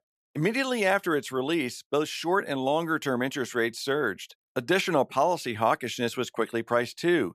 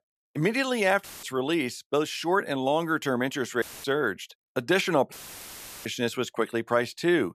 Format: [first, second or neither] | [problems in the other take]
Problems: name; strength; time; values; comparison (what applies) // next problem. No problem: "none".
first | audio cutting out; filled with static; at 1 s, at 3.5 s and at 5 s for 0.5 s